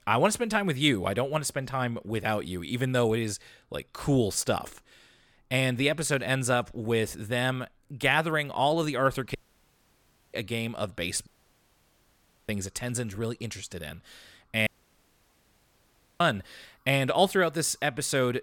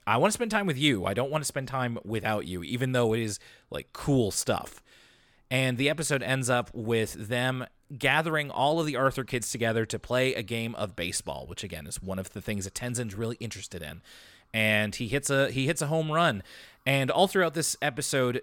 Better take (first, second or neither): second